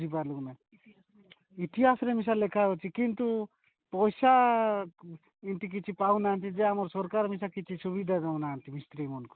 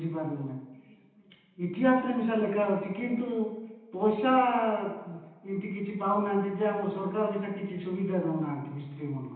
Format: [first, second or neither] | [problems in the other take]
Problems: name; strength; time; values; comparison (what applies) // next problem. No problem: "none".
first | room echo; dies away in 0.9 s